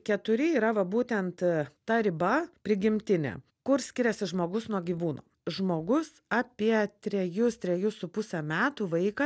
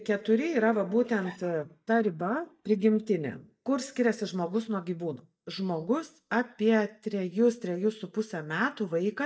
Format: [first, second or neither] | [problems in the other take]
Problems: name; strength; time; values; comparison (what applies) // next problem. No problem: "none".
first | noise reduction (neural mask model DeepFilterNet 3)